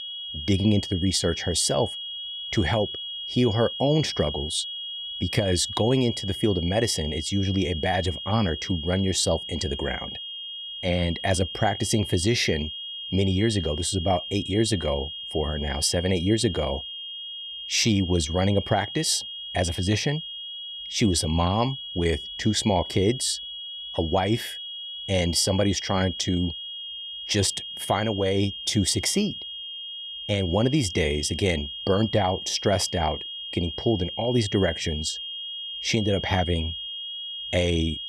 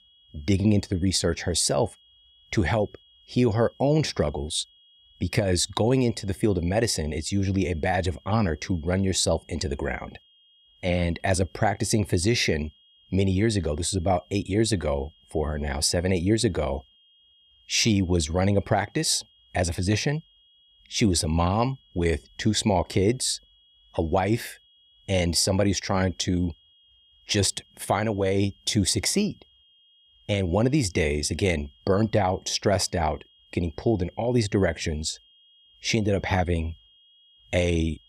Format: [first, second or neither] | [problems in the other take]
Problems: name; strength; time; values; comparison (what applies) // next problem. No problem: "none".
second | high-pitched whine; loud; throughout; 3.5 kHz, 7 dB below the speech; faint in the second